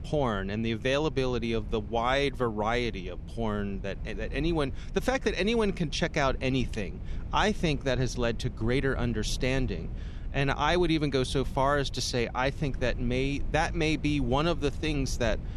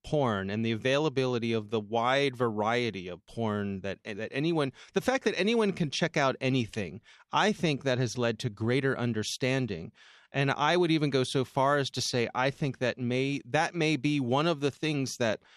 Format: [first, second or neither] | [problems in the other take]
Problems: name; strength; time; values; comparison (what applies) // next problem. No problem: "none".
second | low rumble; faint; throughout; 20 dB below the speech